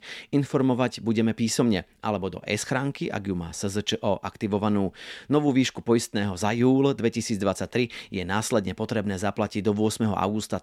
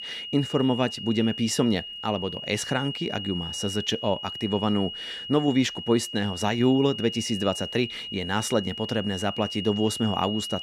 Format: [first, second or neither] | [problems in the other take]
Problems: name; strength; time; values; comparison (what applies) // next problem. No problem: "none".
first | high-pitched whine; loud; throughout; 3 kHz, 7 dB below the speech